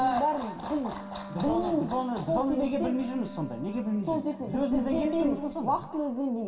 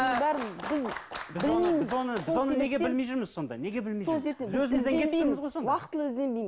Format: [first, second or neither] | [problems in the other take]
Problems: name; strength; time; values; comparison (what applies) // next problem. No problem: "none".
second | background sound (Wind instrument, woodwind instrument); 16 dB below the speech // room echo; dies away in 2 s